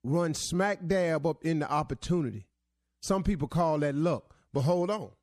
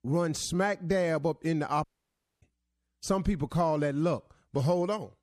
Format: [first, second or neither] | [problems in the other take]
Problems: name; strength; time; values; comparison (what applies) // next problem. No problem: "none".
first | audio cutting out; at 2 s for 0.5 s